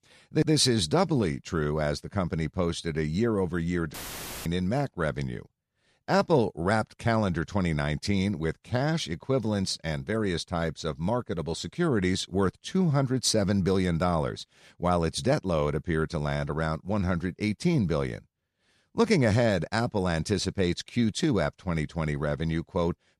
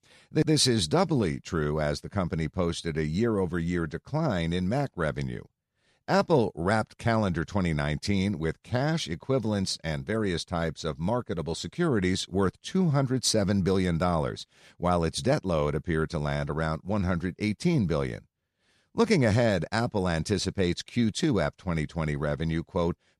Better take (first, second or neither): second